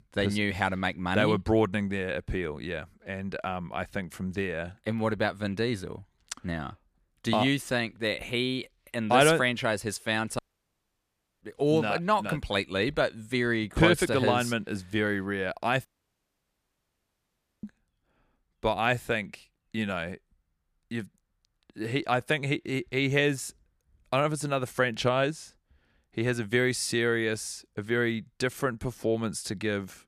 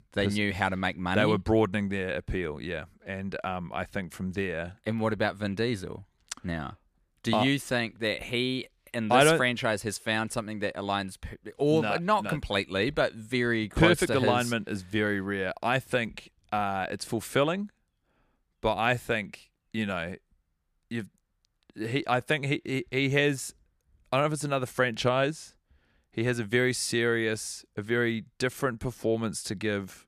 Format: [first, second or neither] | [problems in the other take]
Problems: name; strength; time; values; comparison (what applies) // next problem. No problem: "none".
second | audio cutting out; at 10 s for 1 s and at 16 s for 2 s